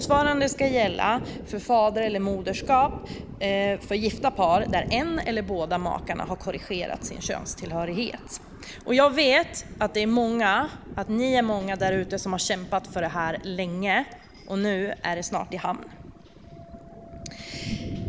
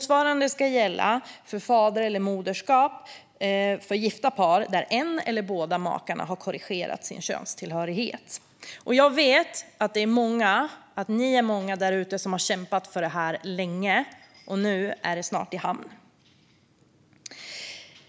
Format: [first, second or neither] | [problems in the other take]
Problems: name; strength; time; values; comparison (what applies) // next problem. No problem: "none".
second | background sound (Thunder); 12 dB below the speech